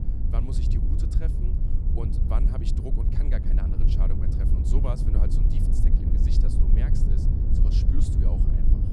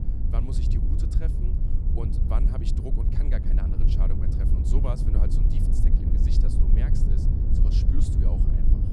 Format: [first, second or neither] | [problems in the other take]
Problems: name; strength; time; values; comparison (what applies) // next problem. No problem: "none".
neither | wind noise on the microphone; heavy; 2 dB above the speech; the same in both